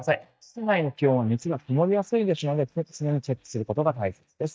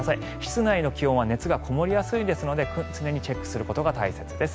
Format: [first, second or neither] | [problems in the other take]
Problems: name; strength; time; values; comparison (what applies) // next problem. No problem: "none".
second | noise reduction (neural mask model DeepFilterNet 3)